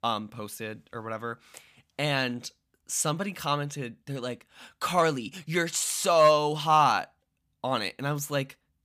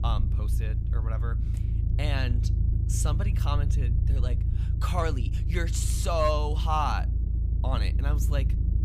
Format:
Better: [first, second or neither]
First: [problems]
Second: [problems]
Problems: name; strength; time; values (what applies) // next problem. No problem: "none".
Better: first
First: none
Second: low rumble; noticeable; throughout; 10 dB below the speech